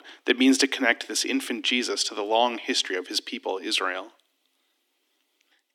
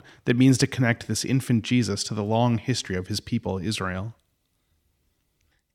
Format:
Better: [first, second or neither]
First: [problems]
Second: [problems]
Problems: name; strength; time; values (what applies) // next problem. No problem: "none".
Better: second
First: thin; somewhat; fading below 250 Hz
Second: none